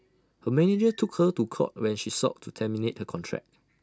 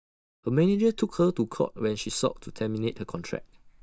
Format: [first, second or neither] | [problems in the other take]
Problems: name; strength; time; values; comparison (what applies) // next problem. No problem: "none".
first | noise reduction (neural mask model DeepFilterNet 3)